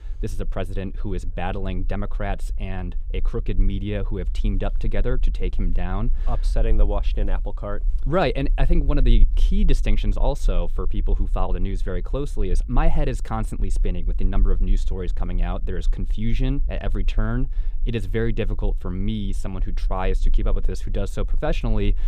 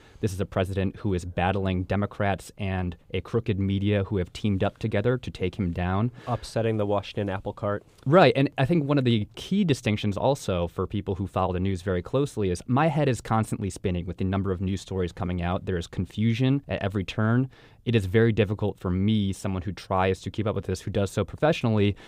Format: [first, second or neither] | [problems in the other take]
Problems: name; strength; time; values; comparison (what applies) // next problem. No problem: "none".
second | low rumble; faint; throughout; 25 dB below the speech